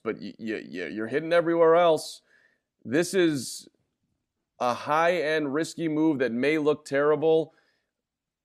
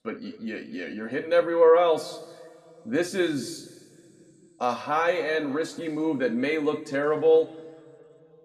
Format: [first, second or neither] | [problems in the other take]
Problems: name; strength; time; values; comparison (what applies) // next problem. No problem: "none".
first | room echo; slight; dies away in 2.3 s // off-mic speech; somewhat distant